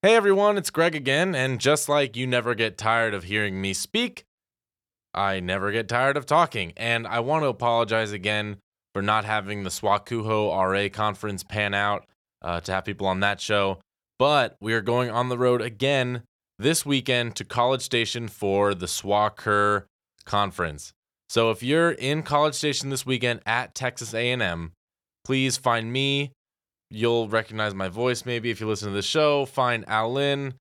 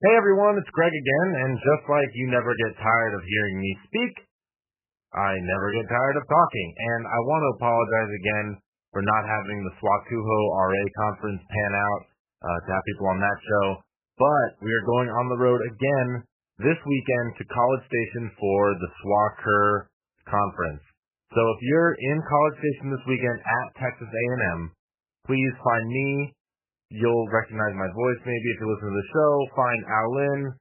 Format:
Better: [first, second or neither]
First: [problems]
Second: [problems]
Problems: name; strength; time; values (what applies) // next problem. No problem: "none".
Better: first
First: none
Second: garbled, watery; badly; nothing above 3 kHz